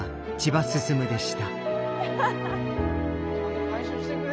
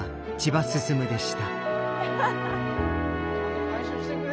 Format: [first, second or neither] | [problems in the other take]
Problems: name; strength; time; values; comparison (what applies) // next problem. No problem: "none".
first | background sound (Trumpet); 10 dB below the speech